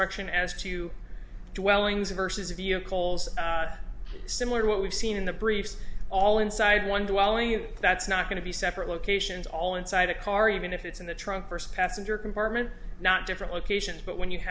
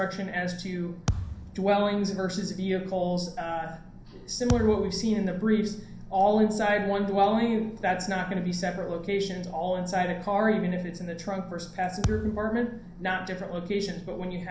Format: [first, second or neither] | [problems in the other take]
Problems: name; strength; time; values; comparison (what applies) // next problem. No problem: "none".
first | background sound (Thump, thud); 7 dB below the speech // room echo; dies away in 0.6 s